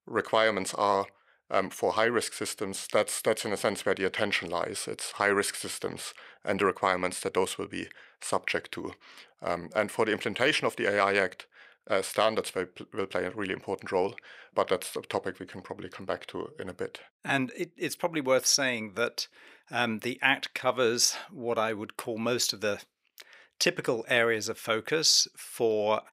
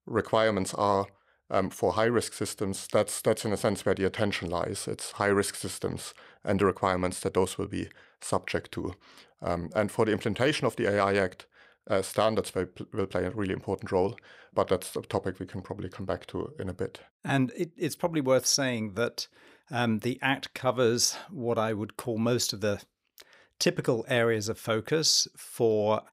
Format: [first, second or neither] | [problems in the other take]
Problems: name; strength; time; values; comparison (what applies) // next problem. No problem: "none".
second | thin; very slightly; fading below 750 Hz